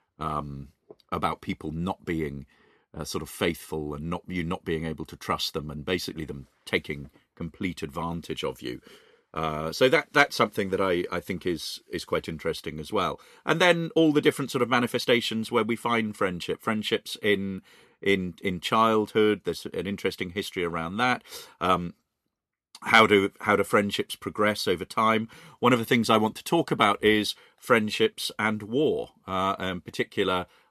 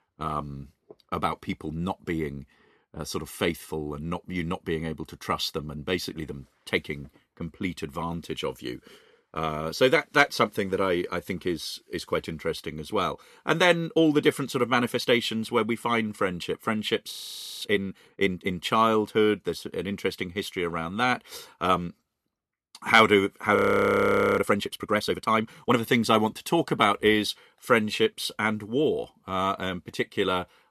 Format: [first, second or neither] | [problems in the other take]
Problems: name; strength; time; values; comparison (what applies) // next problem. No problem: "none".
first | audio freezing; at 17 s and at 24 s for 1 s